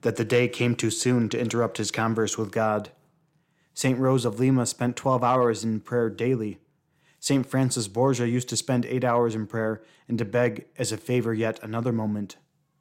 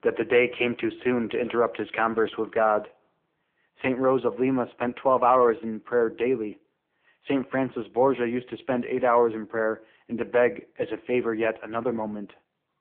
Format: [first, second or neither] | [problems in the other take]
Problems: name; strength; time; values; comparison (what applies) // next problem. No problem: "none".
first | phone-call audio; poor line